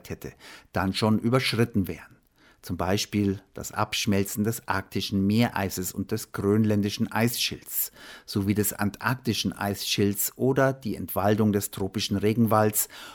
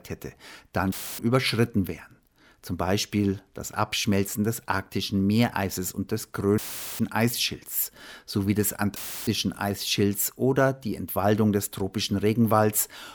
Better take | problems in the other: first | audio cutting out; filled with static; at 1 s, at 6.5 s and at 9 s

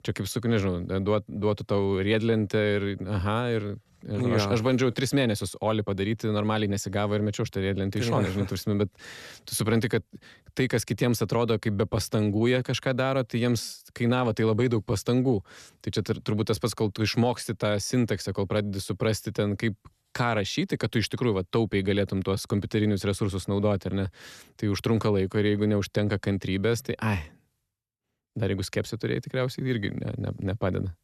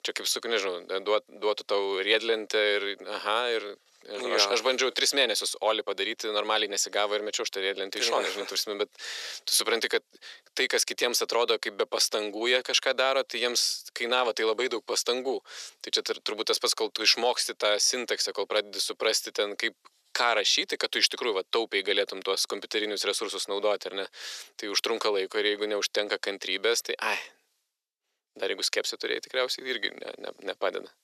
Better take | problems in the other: first | thin; very; fading below 400 Hz

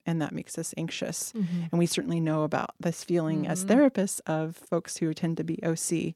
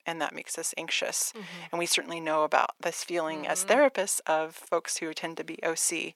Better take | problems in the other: first | thin; very; fading below 700 Hz

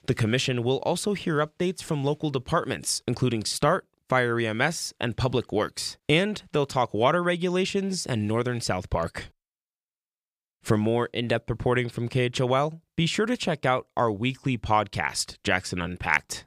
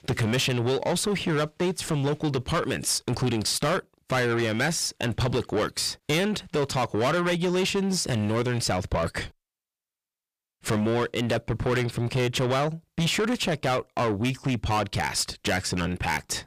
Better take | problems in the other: first | distortion; heavy; 7 dB below the speech

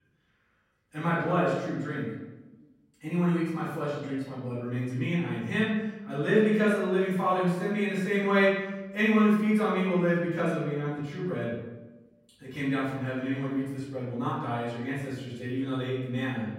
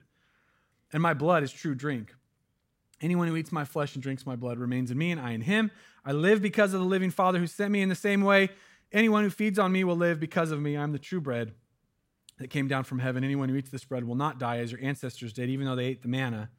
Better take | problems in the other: second | off-mic speech; far // room echo; noticeable; dies away in 1 s

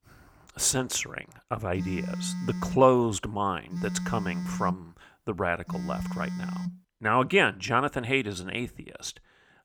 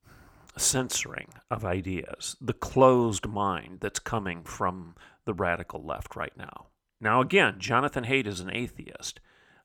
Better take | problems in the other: second | phone ringing; noticeable; from 2 to 7 s; peak 5 dB below the speech

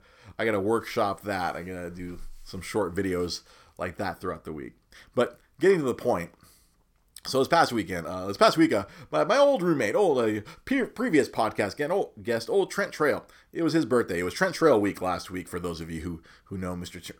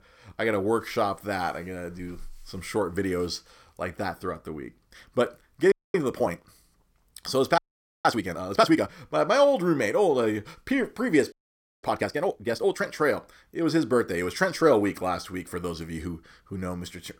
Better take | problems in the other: first | audio freezing; at 5.5 s, at 7.5 s and at 11 s for 0.5 s

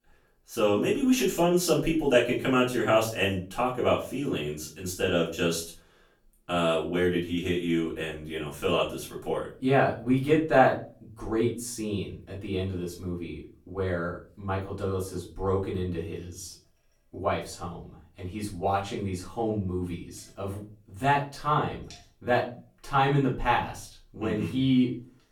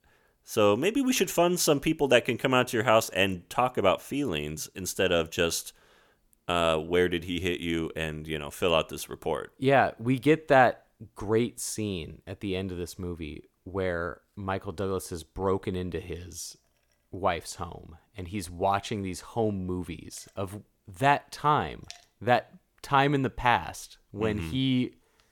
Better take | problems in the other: second | off-mic speech; far // room echo; slight; dies away in 0.3 s

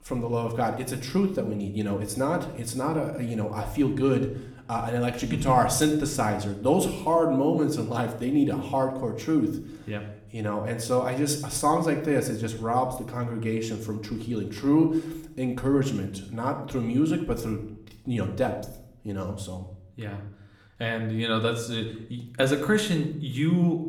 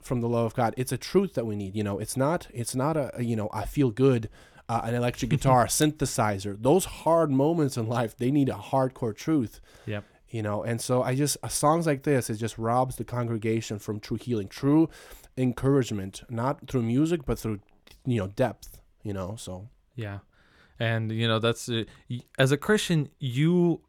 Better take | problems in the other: second | room echo; slight; dies away in 0.6 s

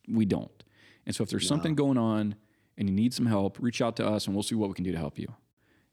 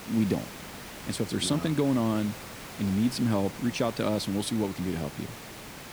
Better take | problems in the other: first | hiss; noticeable; throughout; 10 dB below the speech

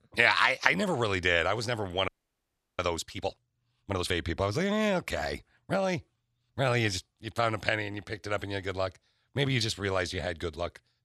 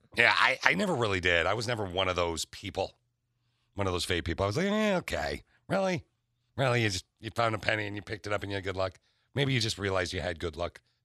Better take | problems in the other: second | audio freezing; at 2 s for 0.5 s

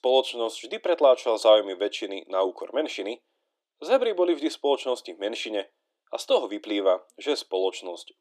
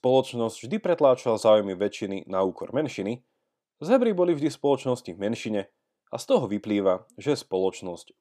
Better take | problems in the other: second | thin; somewhat; fading below 300 Hz

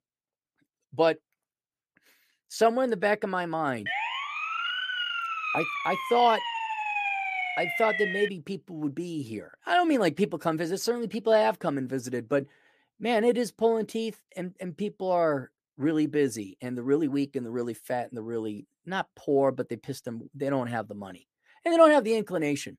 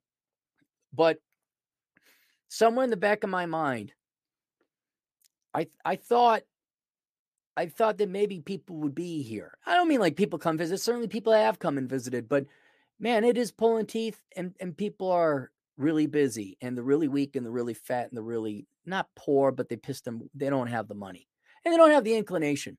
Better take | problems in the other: second | siren; noticeable; from 4 to 8.5 s; peak level with the speech

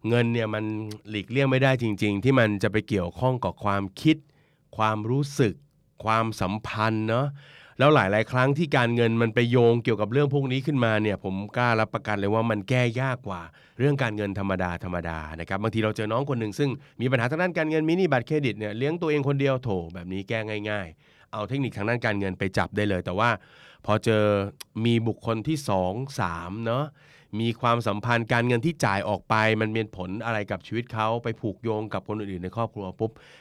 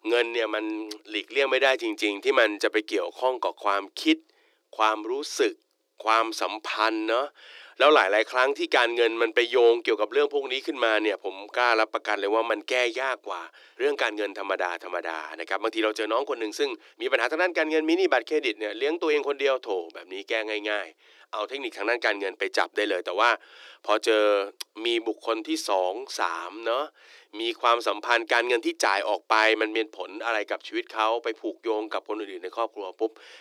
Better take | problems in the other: first | thin; very; fading below 300 Hz

